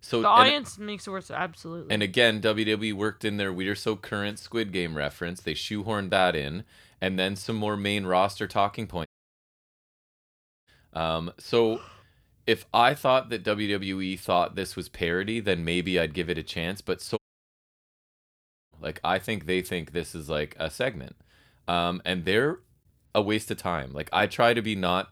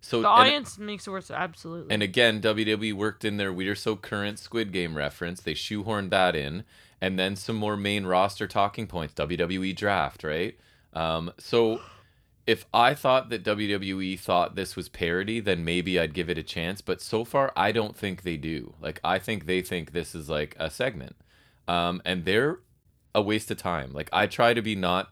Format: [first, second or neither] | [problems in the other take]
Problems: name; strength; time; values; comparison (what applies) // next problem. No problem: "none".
second | audio cutting out; at 9 s for 1.5 s and at 17 s for 1.5 s